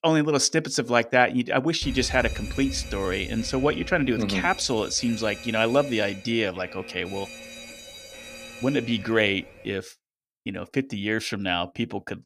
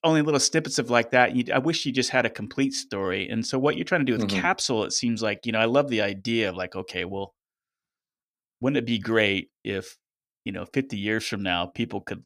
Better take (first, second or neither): second